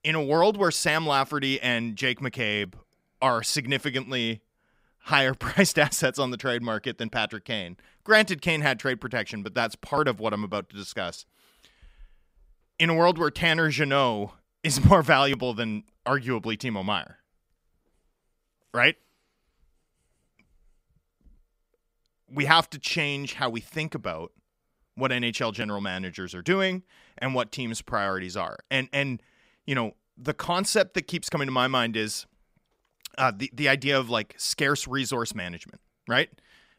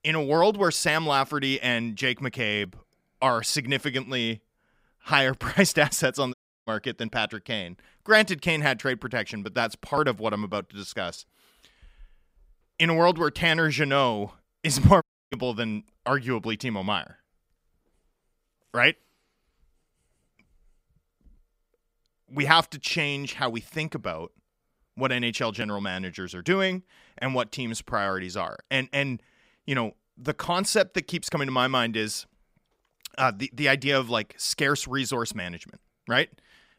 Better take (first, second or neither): first